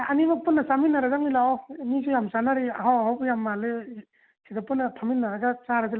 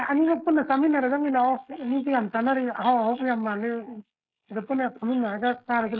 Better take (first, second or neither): first